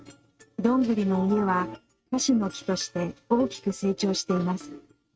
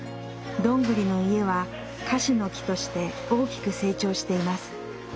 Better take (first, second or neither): second